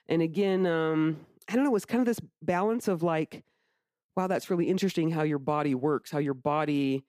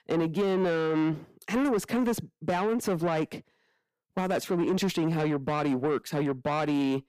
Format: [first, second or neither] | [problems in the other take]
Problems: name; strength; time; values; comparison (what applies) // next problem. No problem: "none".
first | distortion; slight; 10 dB below the speech